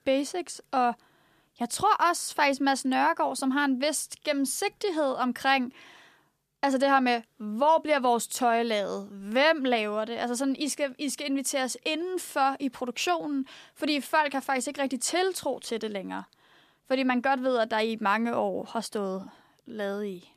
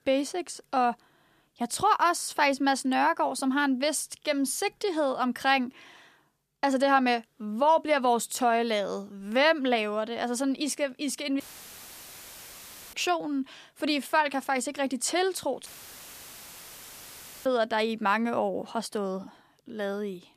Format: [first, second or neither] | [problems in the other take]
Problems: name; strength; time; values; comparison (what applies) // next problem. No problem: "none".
first | audio cutting out; filled with static; at 11 s for 1.5 s and at 16 s for 2 s